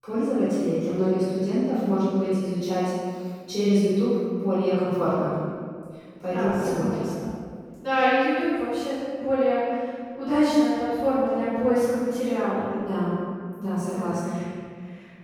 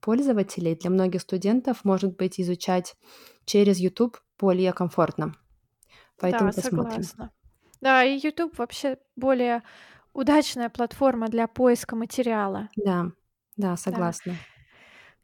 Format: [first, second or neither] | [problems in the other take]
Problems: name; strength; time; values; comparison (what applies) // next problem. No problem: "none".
second | room echo; strong; dies away in 1.7 s // off-mic speech; far